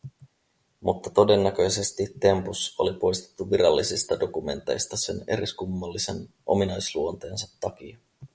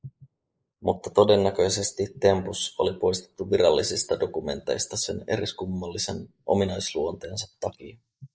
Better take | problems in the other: first | noise reduction (neural mask model Resemble Enhance denoiser)

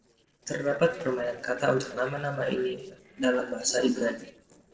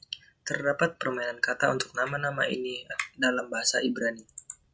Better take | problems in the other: second | noise reduction (neural separator model SepFormer DNS4)

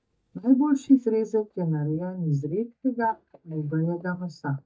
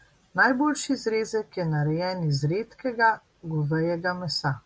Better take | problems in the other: second | noise reduction (neural mask model DeepFilterNet 3)

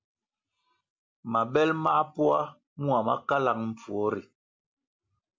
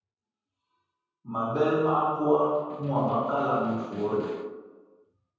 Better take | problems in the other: first | background sound (Snare drum); 20 dB below the speech // room echo; dies away in 1.2 s

